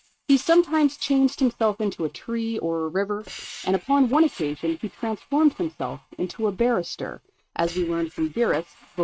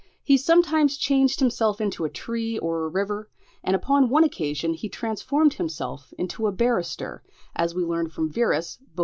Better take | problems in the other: second | noise reduction (neural mask model RNNoise)

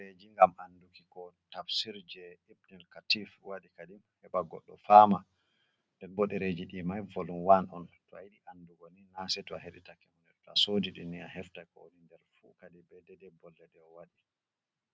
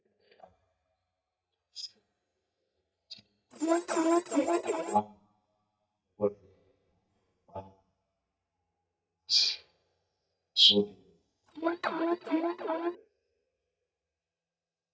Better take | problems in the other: first | noise reduction (neural mask model DeepFilterNet 3)

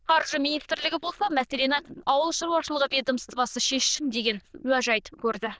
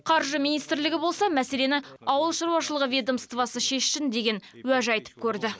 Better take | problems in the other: second | noise reduction (neural diffusion model UNIVERSE++)

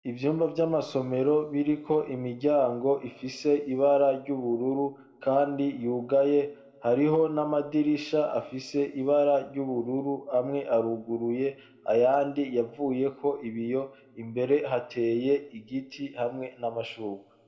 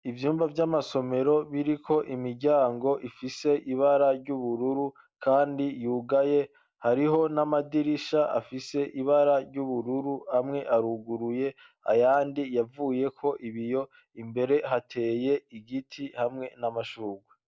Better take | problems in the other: second | room echo; dies away in 1.6 s

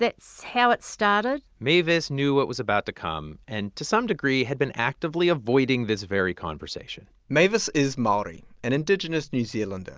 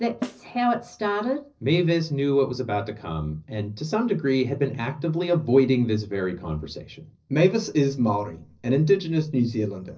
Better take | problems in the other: first | noise reduction (neural separator model SepFormer DNS4)

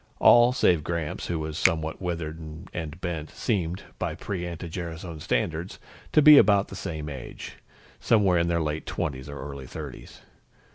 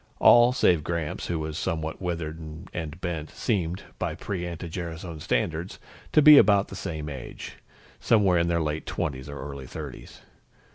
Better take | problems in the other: second | background sound (Finger snapping); 11 dB below the speech

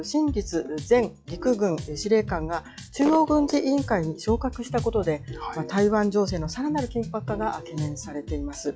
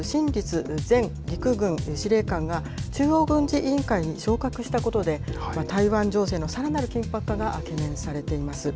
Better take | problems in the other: second | noise reduction (classical method log-MMSE)

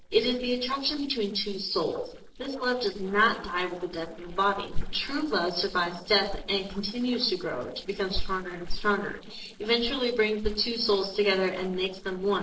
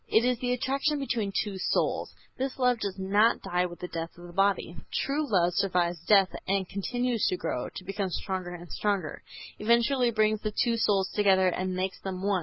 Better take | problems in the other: second | noise reduction (neural separator model SepFormer DNS4)

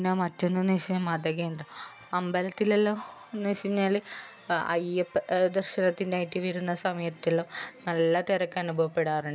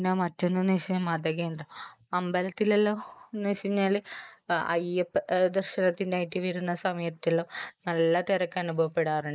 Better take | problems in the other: first | noise reduction (neural mask model Resemble Enhance denoiser)

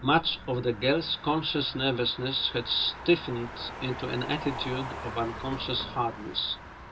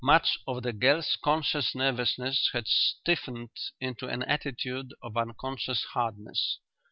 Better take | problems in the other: second | background sound (Motor vehicle (road)); 11 dB below the speech // room echo; dies away in 0.2 s

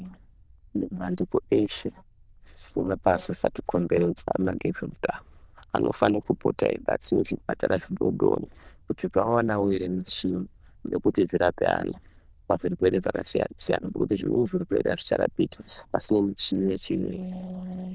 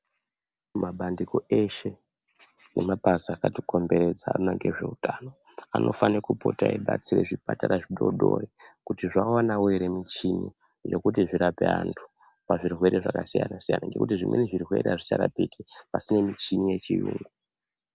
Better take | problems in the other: second | noise reduction (neural diffusion model UNIVERSE++)

